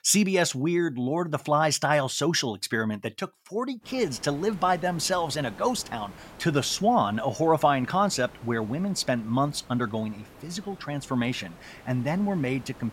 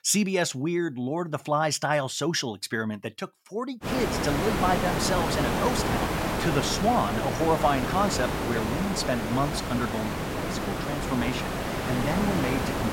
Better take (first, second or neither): first